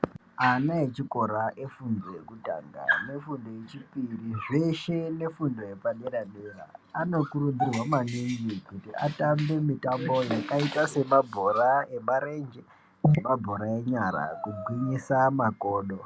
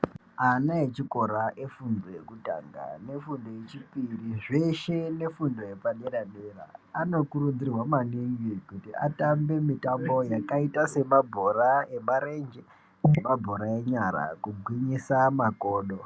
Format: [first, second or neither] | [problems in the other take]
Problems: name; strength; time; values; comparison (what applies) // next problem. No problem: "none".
second | background sound (Dog); 12 dB below the speech